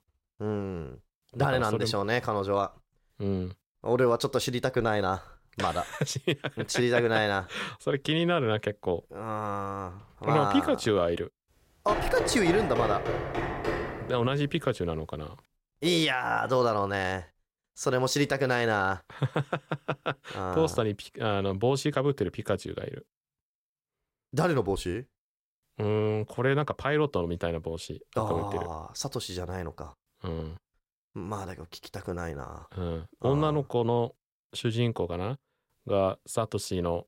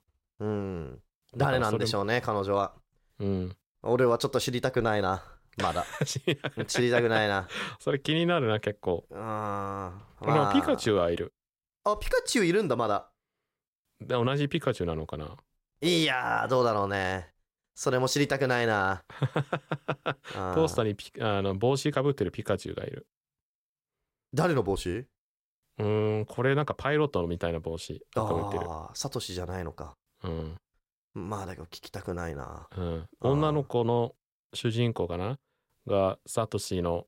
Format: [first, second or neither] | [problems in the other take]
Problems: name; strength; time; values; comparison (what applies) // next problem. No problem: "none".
second | door banging; noticeable; from 12 to 14 s; peak 1 dB below the speech